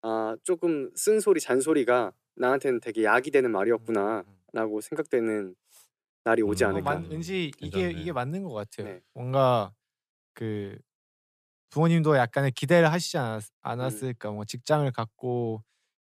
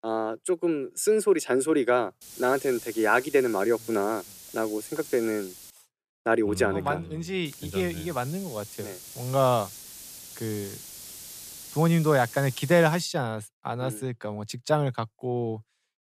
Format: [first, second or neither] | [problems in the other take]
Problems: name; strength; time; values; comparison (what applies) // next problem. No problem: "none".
first | hiss; noticeable; from 2 to 5.5 s and from 7.5 to 13 s; 15 dB below the speech